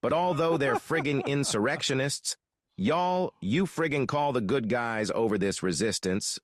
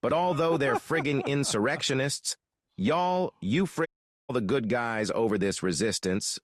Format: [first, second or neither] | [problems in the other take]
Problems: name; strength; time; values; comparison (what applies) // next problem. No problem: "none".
first | audio cutting out; at 4 s